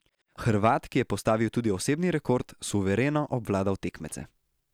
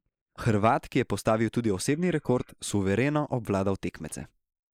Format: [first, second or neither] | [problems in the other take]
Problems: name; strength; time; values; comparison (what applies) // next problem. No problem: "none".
first | noise reduction (neural mask model Resemble Enhance denoiser)